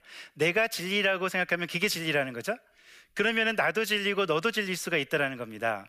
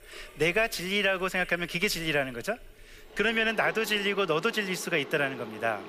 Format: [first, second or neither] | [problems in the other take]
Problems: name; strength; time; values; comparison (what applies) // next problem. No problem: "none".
first | household noises; noticeable; throughout; 15 dB below the speech